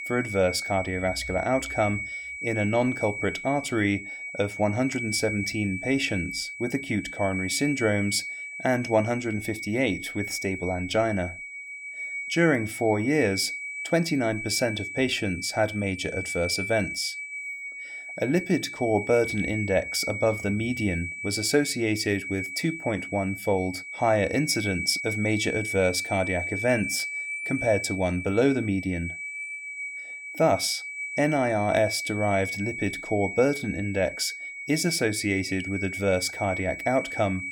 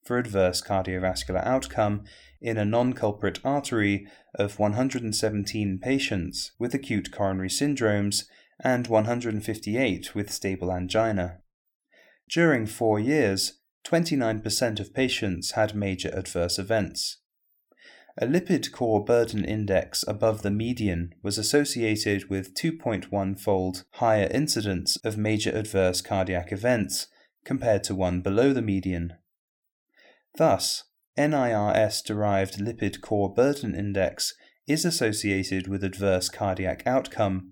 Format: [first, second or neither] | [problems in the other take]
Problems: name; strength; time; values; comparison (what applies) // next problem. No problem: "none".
second | high-pitched whine; loud; throughout; 2.5 kHz, 6 dB below the speech